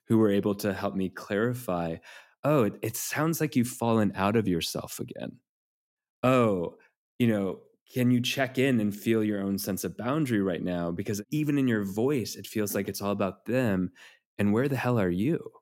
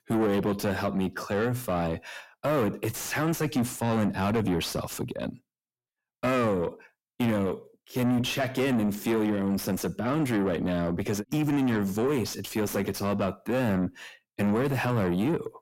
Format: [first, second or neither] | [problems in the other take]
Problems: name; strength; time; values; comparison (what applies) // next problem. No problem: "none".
first | distortion; heavy; 7 dB below the speech